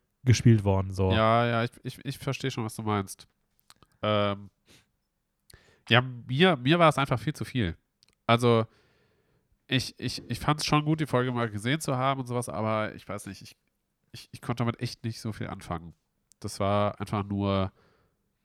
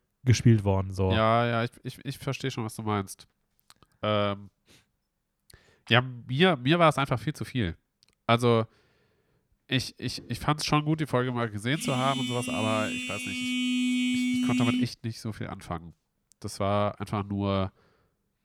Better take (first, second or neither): first